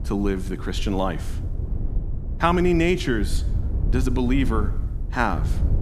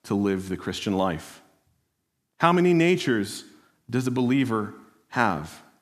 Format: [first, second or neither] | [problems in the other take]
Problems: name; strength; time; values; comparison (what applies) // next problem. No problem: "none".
second | wind noise on the microphone; occasional gusts; 15 dB below the speech